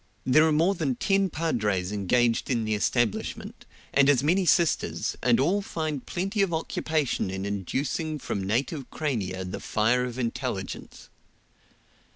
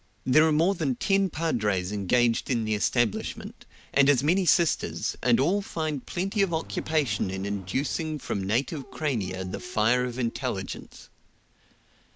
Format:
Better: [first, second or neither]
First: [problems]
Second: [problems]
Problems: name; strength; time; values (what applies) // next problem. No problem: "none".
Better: first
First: none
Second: background sound (Engine + Dog); 19 dB below the speech